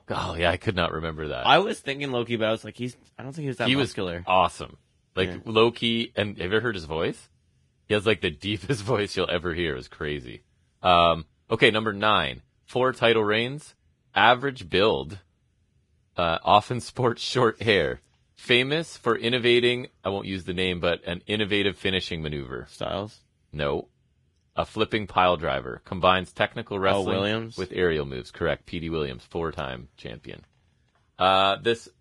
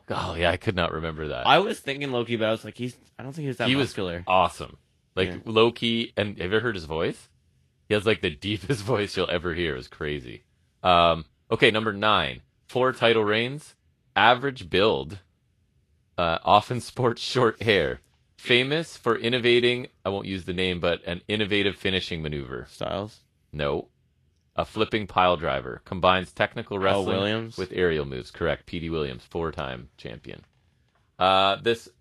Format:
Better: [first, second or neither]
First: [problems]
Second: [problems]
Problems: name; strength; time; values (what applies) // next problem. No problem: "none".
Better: second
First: garbled, watery; badly; nothing above 10.5 kHz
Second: garbled, watery; slightly; nothing above 11.5 kHz